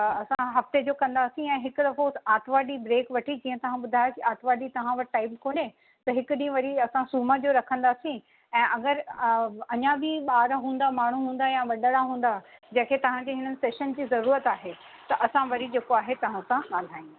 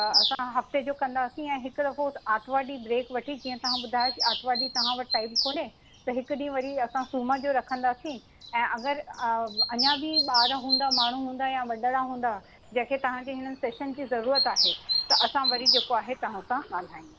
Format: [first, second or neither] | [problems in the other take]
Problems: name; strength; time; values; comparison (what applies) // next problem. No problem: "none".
first | background sound (Bird vocalization, bird call, bird song); 2 dB below the speech